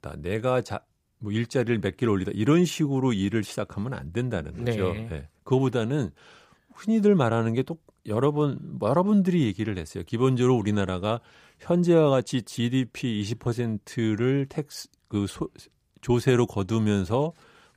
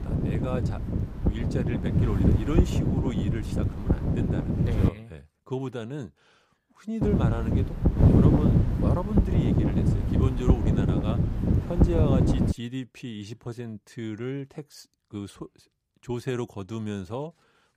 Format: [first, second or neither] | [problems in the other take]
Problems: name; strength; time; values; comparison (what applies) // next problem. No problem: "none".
first | wind noise on the microphone; heavy; until 5 s and from 7 to 13 s; 4 dB above the speech